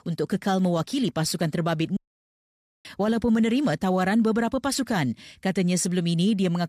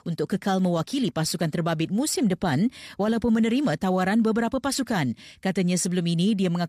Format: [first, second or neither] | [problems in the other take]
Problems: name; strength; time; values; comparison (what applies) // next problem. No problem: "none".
second | audio cutting out; at 2 s for 1 s